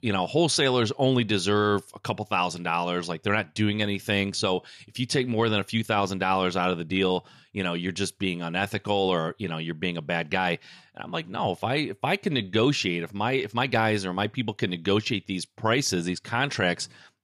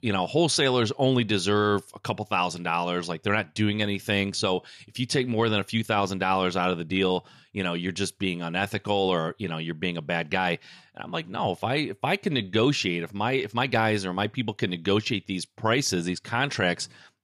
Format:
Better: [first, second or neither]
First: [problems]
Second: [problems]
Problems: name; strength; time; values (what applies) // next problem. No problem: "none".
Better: neither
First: none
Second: none